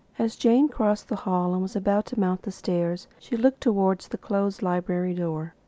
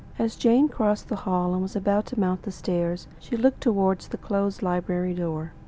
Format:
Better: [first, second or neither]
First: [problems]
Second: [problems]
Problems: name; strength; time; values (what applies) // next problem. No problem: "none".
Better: first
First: none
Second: background sound (Boat, Water vehicle); 19 dB below the speech